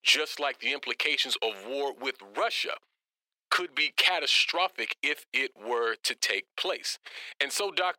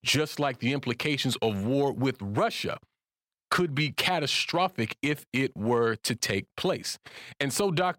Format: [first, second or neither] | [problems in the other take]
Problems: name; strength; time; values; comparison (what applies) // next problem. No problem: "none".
second | thin; very; fading below 400 Hz